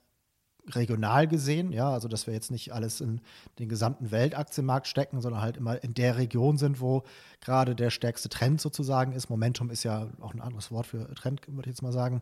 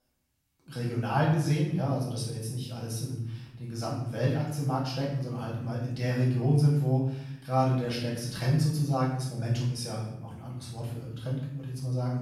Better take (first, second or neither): first